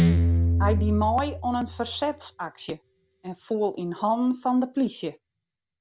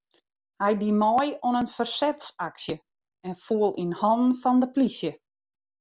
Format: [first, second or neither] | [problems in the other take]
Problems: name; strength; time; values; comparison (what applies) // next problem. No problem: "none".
second | background sound (Guitar); as loud as the speech